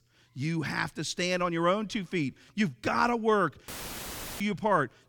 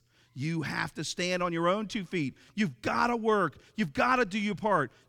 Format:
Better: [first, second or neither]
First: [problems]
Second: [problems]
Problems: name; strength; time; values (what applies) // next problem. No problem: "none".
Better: second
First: audio cutting out; filled with static; at 3.5 s for 0.5 s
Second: none